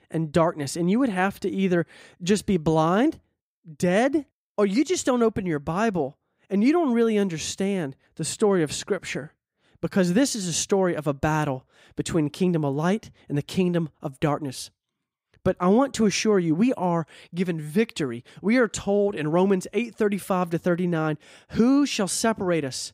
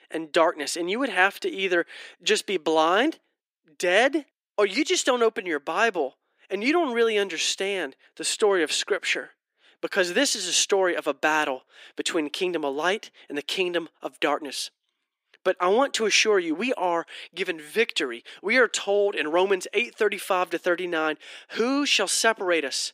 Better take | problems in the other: first | thin; somewhat; fading below 350 Hz

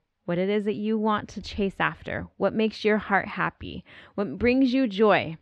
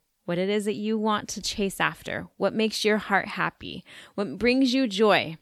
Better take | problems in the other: second | muffled; slightly; fading above 2.5 kHz

